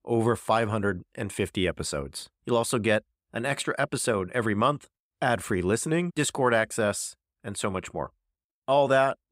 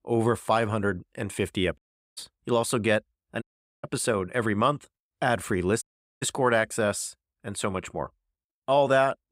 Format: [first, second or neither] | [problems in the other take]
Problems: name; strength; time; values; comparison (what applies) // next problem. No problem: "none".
first | audio cutting out; at 2 s, at 3.5 s and at 6 s